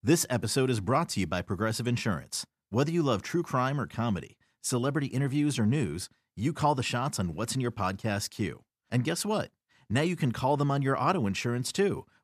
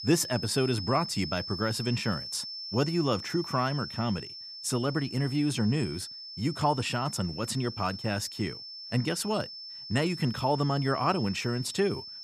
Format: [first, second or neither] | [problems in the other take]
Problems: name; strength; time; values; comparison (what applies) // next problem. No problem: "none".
first | high-pitched whine; loud; throughout; 5.5 kHz, 9 dB below the speech